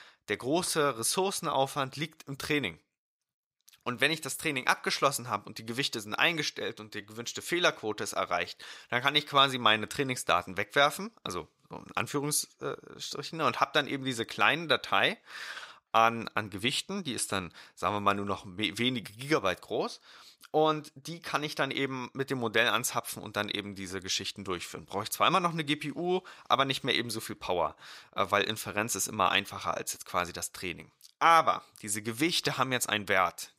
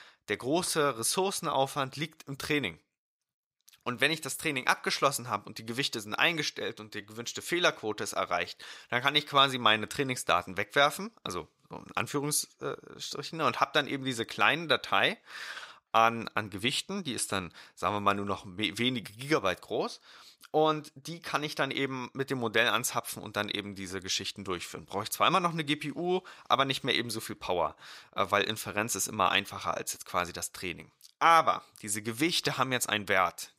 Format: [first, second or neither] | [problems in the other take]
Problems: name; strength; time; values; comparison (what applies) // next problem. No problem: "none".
neither | thin; somewhat; fading below 600 Hz; the same in both